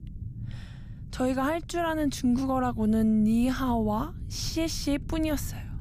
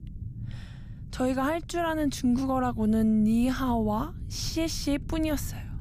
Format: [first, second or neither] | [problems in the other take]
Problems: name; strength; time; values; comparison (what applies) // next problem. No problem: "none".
neither | low rumble; faint; throughout; 25 dB below the speech; the same in both